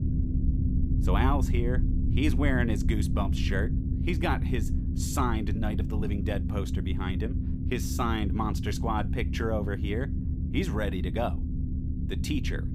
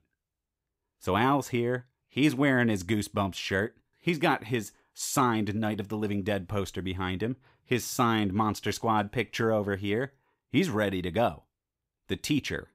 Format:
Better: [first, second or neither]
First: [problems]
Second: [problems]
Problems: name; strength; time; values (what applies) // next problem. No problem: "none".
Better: second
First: low rumble; loud; throughout; 8 dB below the speech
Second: none